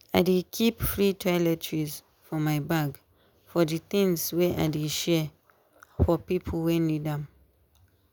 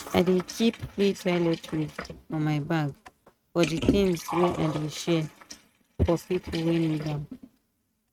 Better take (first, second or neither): first